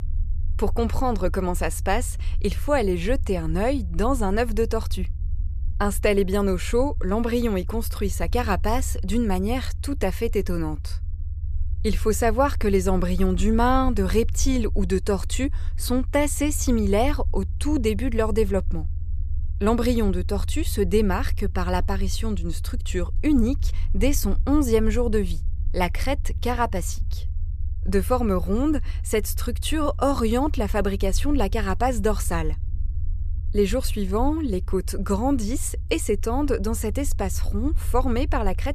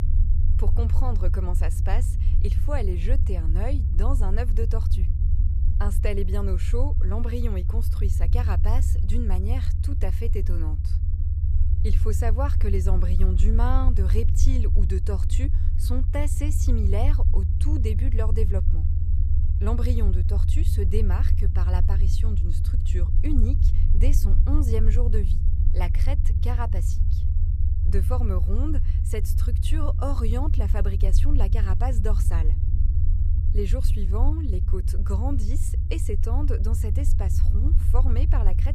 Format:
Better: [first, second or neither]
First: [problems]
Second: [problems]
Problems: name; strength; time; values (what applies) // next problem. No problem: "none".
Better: first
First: low rumble; faint; throughout; 25 dB below the speech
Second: low rumble; loud; throughout; 6 dB below the speech